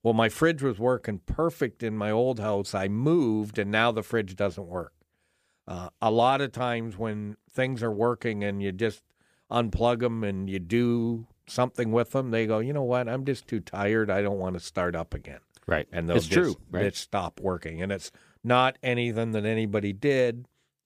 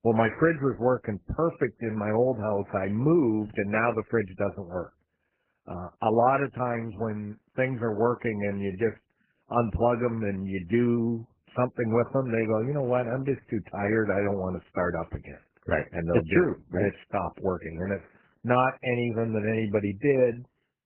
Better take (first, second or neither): first